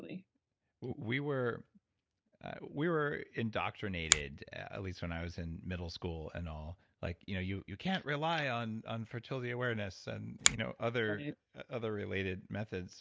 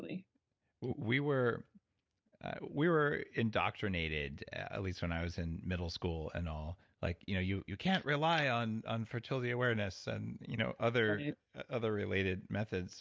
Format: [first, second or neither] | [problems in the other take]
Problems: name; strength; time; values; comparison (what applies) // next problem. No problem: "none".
second | background sound (Finger snapping); 1 dB above the speech